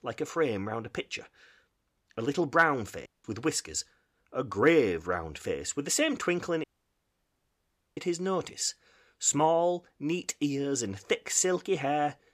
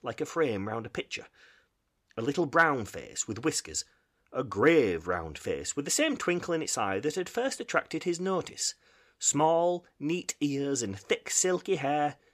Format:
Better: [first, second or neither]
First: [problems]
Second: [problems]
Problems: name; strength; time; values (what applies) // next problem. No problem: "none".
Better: second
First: audio cutting out; at 3 s and at 6.5 s for 1.5 s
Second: none